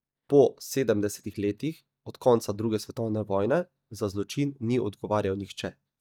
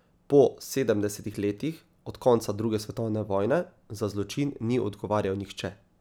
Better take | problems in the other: second | noise reduction (neural mask model DeepFilterNet 3)

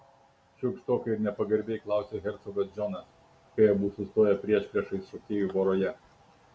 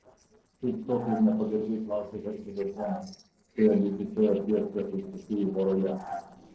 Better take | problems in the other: first | noise reduction (neural separator model SepFormer DNS4)

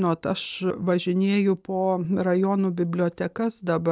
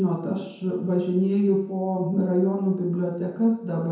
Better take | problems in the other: first | room echo; dies away in 0.9 s

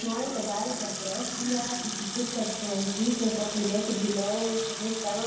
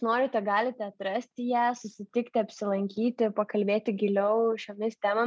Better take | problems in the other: second | background sound (Sink (filling or washing) / Water tap, faucet); 5 dB below the speech // room echo; dies away in 1 s

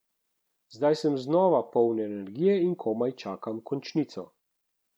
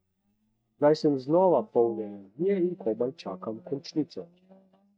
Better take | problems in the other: first | noise reduction (neural mask model DeepFilterNet 3)

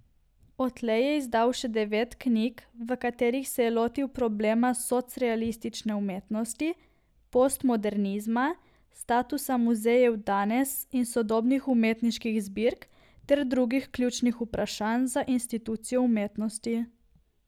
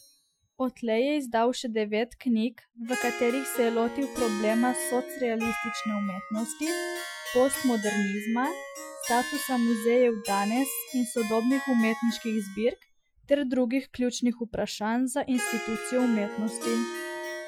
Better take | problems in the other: first | noise reduction (classical method Wiener filter)

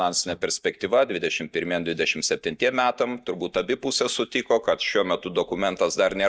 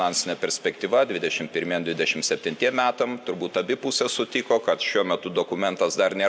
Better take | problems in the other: second | noise reduction (neural mask model DeepFilterNet 3)

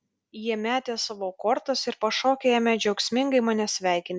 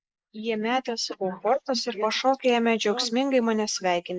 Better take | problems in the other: first | noise reduction (neural mask model Resemble Enhance denoiser)

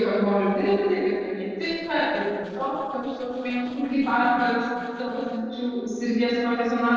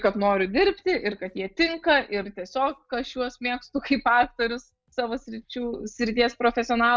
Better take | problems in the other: second | noise reduction (neural separator model SepFormer DNS4)

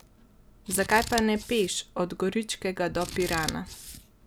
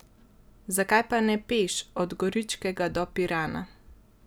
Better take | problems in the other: second | background sound (Scissors); 10 dB below the speech

